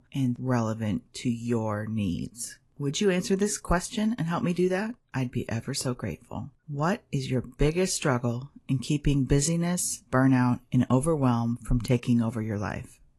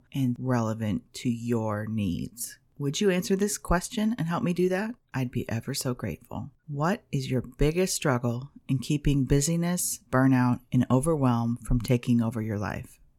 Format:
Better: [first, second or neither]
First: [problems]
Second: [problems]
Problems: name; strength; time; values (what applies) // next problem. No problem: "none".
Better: second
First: garbled, watery; slightly; nothing above 11.5 kHz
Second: none